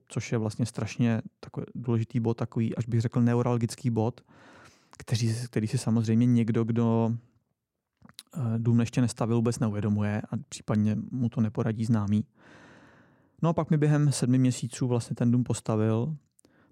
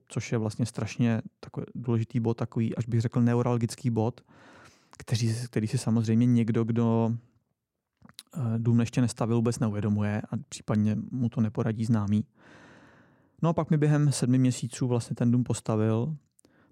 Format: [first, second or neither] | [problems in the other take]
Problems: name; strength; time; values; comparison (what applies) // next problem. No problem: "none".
neither | none